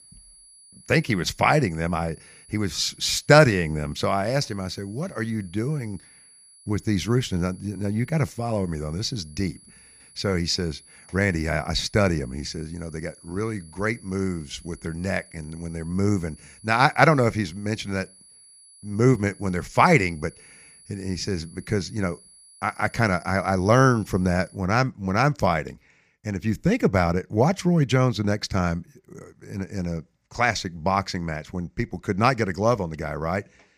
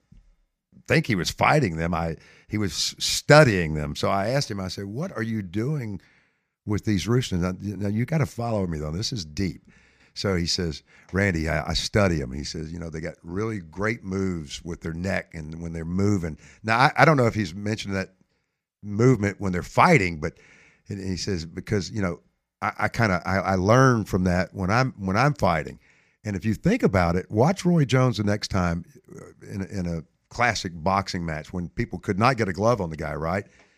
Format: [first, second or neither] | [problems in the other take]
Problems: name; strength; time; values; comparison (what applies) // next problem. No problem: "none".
second | high-pitched whine; faint; until 25 s; 10 kHz, 25 dB below the speech